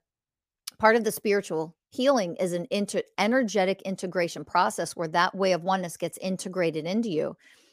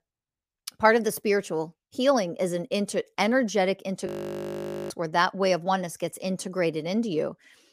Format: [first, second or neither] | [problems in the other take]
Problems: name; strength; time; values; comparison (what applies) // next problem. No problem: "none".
first | audio freezing; at 4 s for 1 s